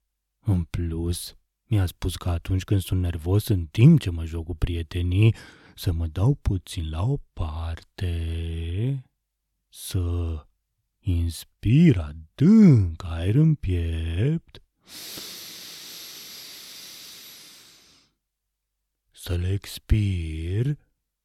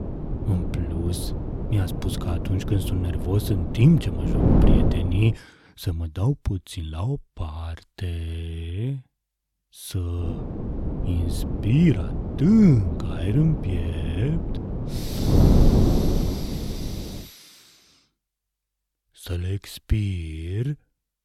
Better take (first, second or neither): first